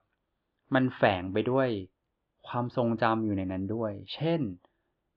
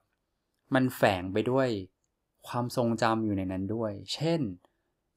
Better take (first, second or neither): second